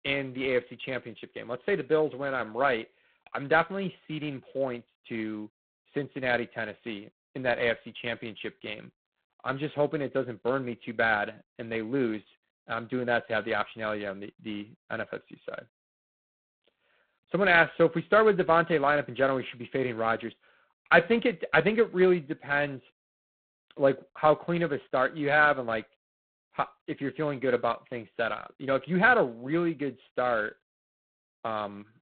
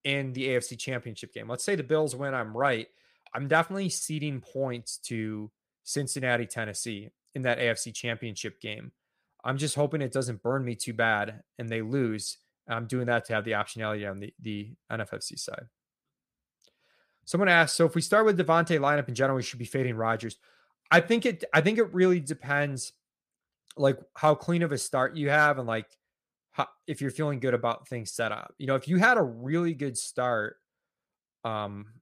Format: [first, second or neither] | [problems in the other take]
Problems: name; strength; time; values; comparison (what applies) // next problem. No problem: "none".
second | phone-call audio; poor line; nothing above 4 kHz